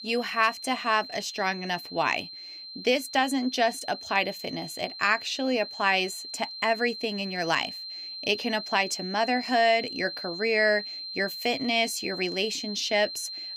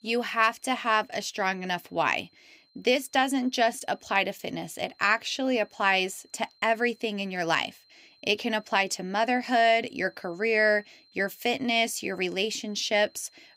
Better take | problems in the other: second | high-pitched whine; loud; throughout; 4 kHz, 9 dB below the speech; faint in the second

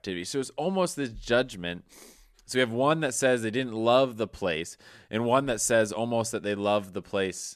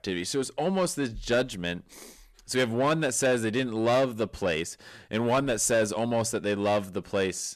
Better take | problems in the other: first | distortion; slight; 10 dB below the speech

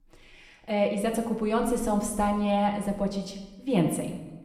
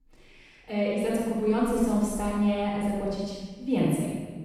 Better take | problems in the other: first | room echo; strong; dies away in 1.4 s; slight in the first // off-mic speech; far; somewhat distant in the first

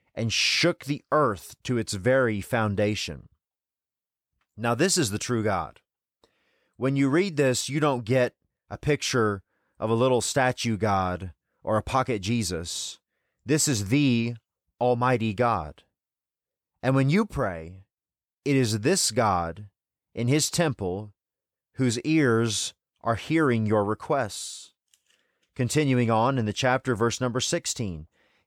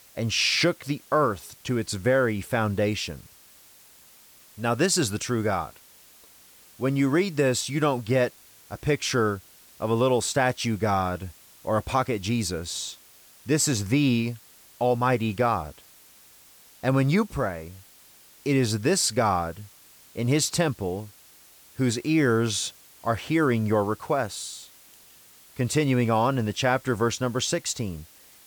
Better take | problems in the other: first | hiss; faint; throughout; 25 dB below the speech

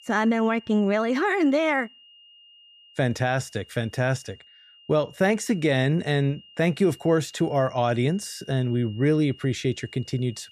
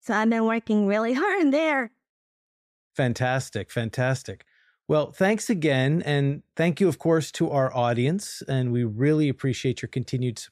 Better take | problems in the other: second | high-pitched whine; faint; throughout; 3 kHz, 25 dB below the speech

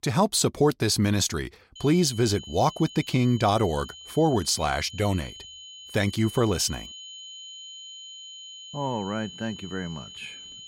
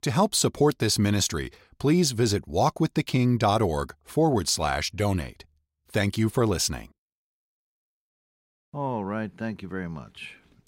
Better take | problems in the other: second | high-pitched whine; noticeable; from 2 s on; 3 kHz, 15 dB below the speech

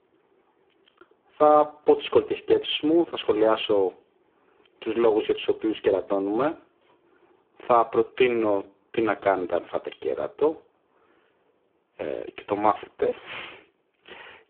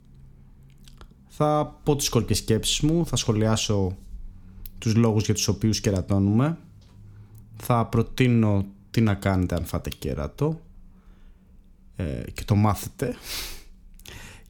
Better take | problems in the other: second | phone-call audio; poor line; nothing above 3 kHz

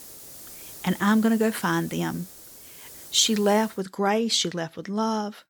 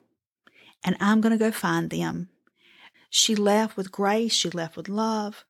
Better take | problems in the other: second | hiss; noticeable; until 4 s; 15 dB below the speech

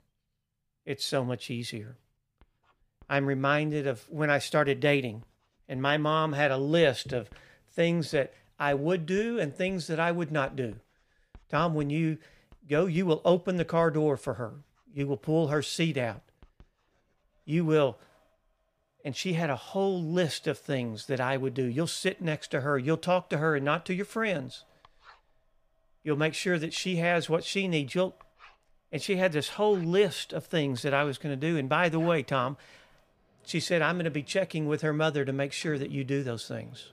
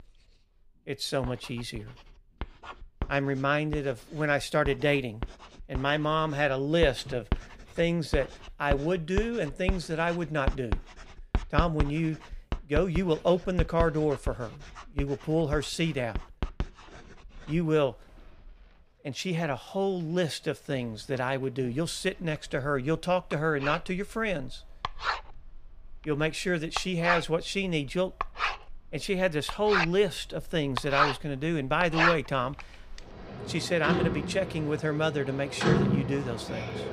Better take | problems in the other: first | household noises; loud; throughout; 4 dB below the speech; faint in the first

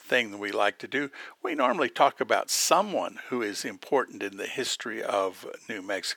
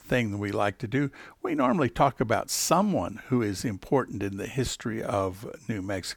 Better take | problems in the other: second | thin; somewhat; fading below 450 Hz

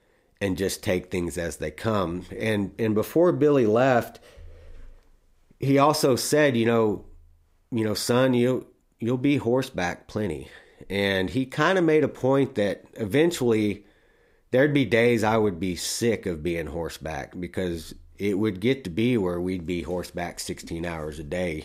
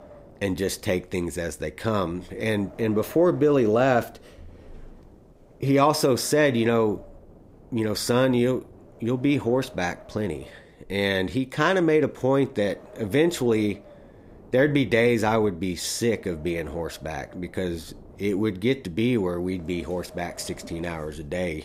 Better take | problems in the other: first | wind noise on the microphone; occasional gusts; 25 dB below the speech

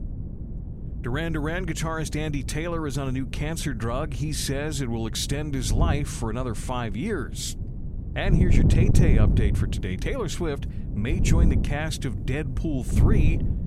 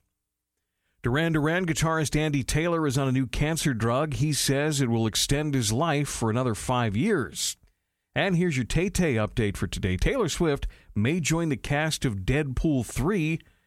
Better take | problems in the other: second | wind noise on the microphone; heavy; 7 dB below the speech

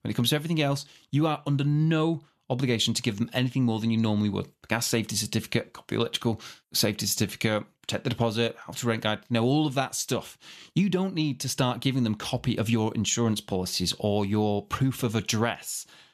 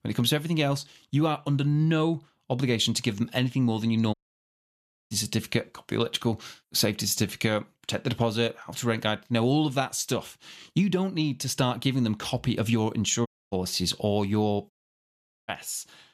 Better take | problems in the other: first | audio cutting out; at 4 s for 1 s, at 13 s and at 15 s for 1 s

